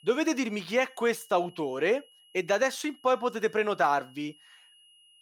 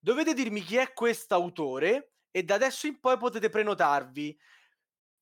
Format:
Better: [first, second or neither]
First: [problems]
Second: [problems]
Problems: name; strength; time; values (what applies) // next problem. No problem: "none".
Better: second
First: high-pitched whine; faint; throughout; 3 kHz, 30 dB below the speech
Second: none